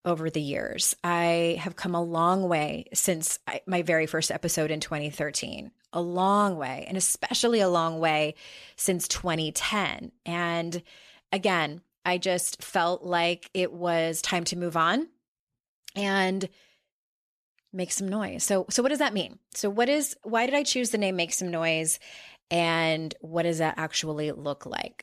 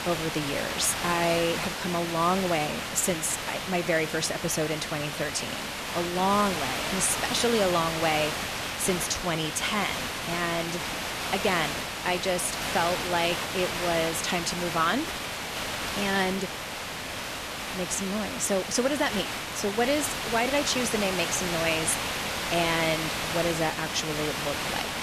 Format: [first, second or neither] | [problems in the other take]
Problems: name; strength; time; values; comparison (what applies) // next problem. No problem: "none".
first | hiss; loud; throughout; 3 dB below the speech